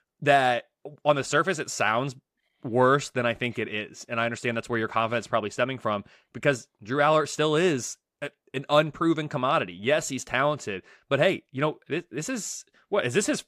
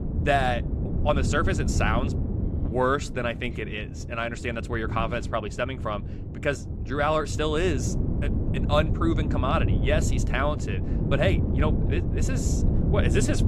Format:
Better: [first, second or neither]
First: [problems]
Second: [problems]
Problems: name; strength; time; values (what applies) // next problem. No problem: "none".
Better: first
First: none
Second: wind noise on the microphone; occasional gusts; 10 dB below the speech